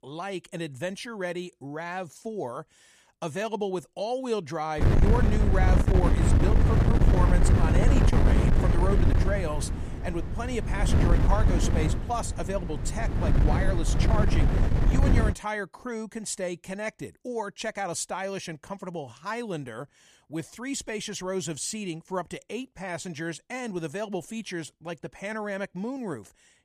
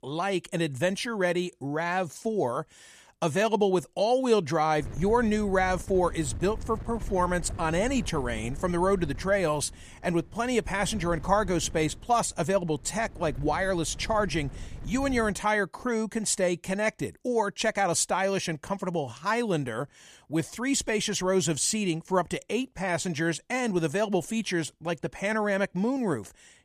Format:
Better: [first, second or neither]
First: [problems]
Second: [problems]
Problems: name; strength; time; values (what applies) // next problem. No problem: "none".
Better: second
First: wind noise on the microphone; heavy; from 5 to 15 s; as loud as the speech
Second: wind noise on the microphone; occasional gusts; from 5 to 15 s; 25 dB below the speech